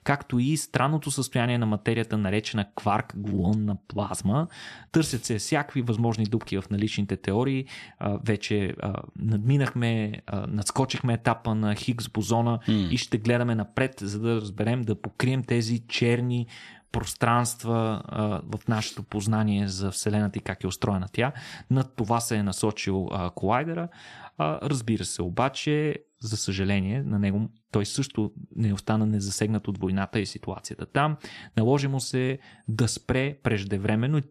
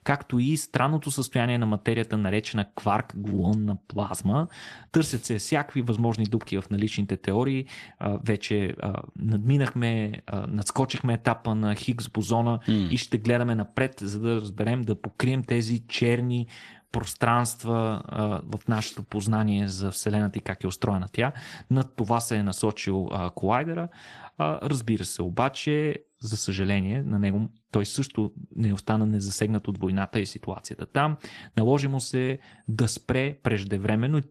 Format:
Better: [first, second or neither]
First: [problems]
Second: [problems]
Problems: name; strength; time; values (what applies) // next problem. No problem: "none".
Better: first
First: none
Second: garbled, watery; slightly; nothing above 12 kHz